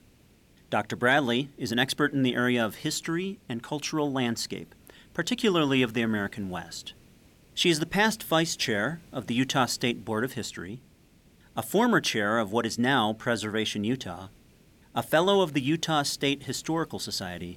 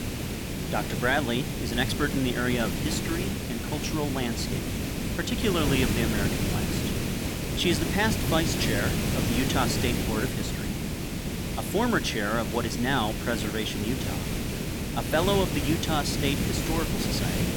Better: first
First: hiss; faint; throughout; 30 dB below the speech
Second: hiss; loud; throughout; as loud as the speech

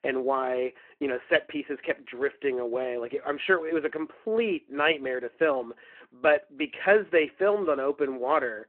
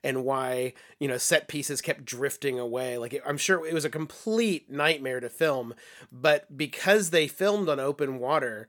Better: second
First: phone-call audio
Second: none

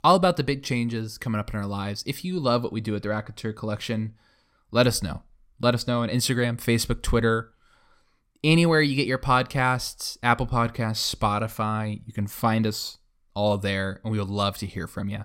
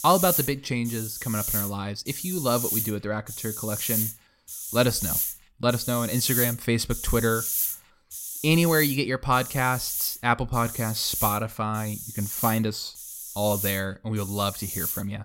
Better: first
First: none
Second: hiss; loud; throughout; 2 dB below the speech

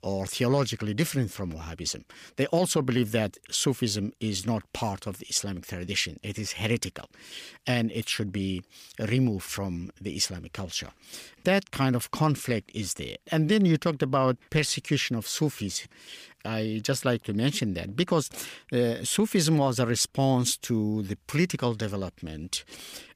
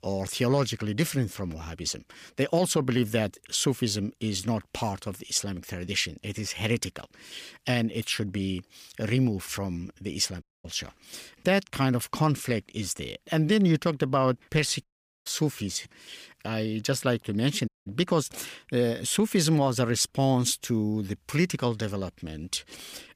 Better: first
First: none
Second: audio cutting out; at 10 s, at 15 s and at 18 s

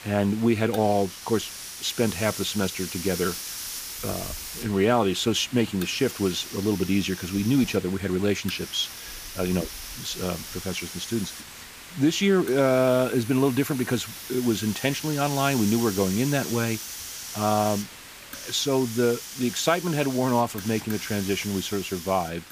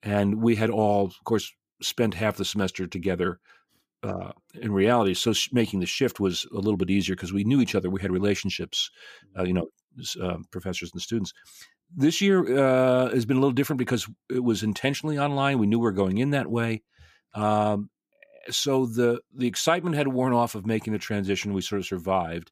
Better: second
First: hiss; loud; throughout; 10 dB below the speech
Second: none

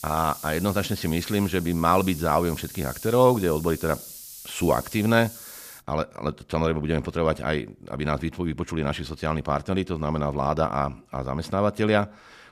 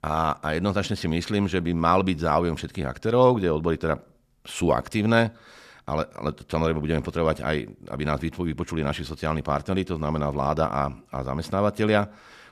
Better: second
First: hiss; noticeable; until 6 s; 15 dB below the speech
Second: none

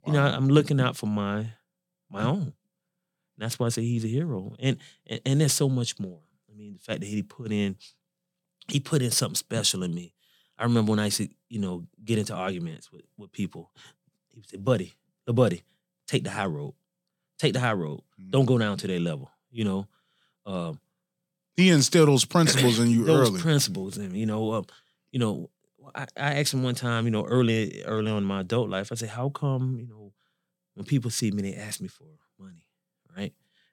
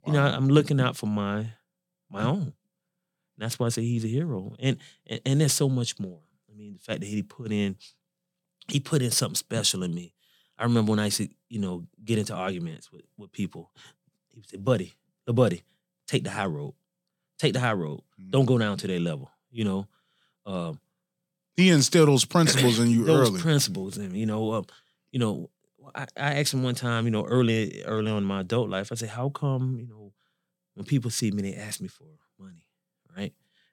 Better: neither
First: none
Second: none

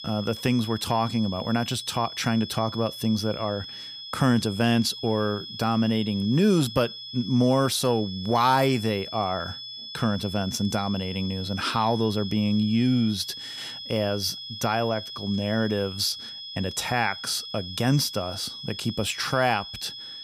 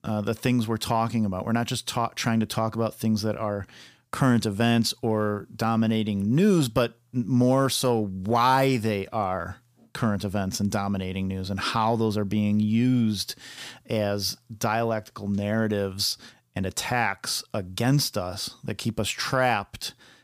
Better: second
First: high-pitched whine; noticeable; throughout; 3.5 kHz, 10 dB below the speech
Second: none

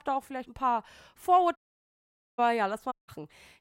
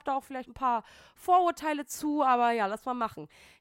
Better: second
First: audio cutting out; at 1.5 s for 1 s and at 3 s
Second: none

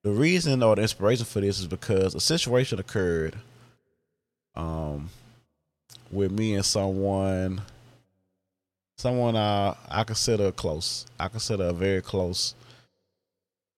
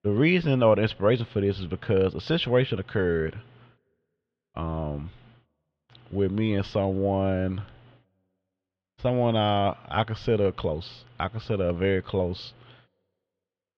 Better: first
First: none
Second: muffled; very; fading above 3.5 kHz

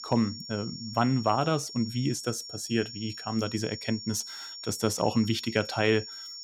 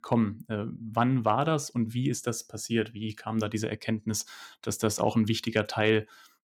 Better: second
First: high-pitched whine; loud; throughout; 5.5 kHz, 10 dB below the speech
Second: none

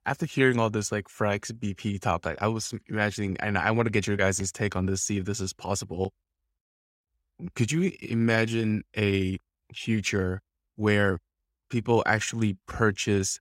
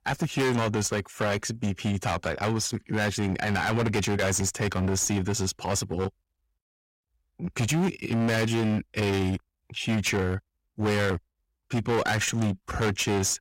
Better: first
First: none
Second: distortion; heavy; 18% of the sound clipped

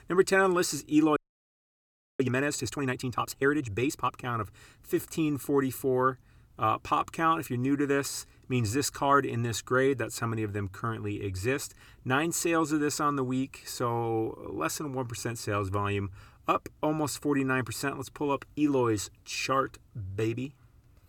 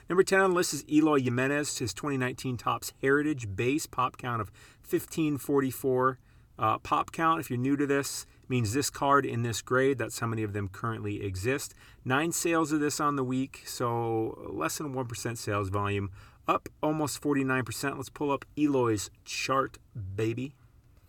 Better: second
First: audio freezing; at 1 s for 1 s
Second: none

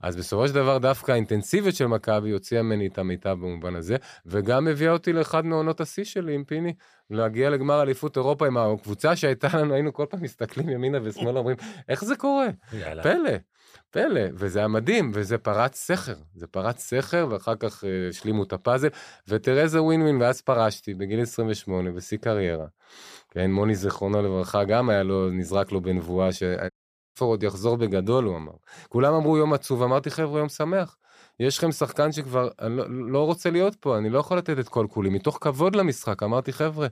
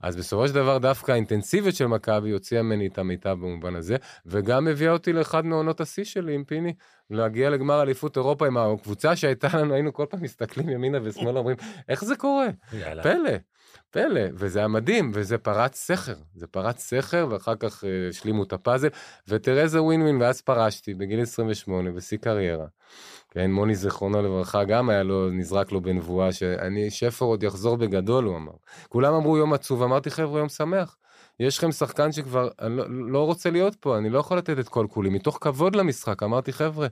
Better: second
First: audio cutting out; at 27 s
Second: none

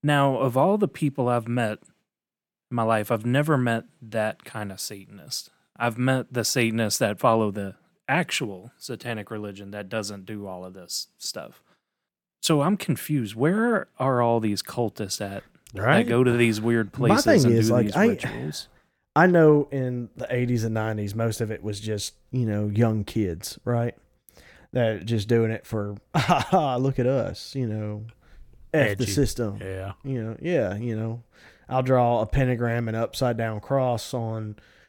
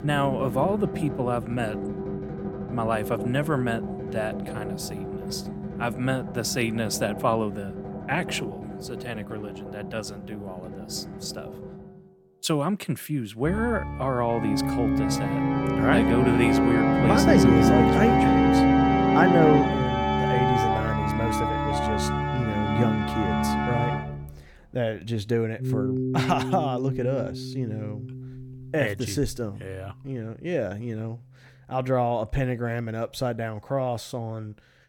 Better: first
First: none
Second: background music; very loud; throughout; 2 dB above the speech

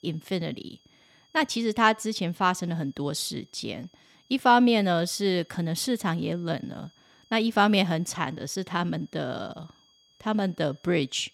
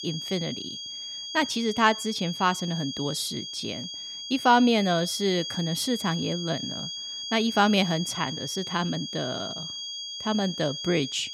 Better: first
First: high-pitched whine; faint; throughout; 3.5 kHz, 35 dB below the speech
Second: high-pitched whine; loud; throughout; 3.5 kHz, 7 dB below the speech

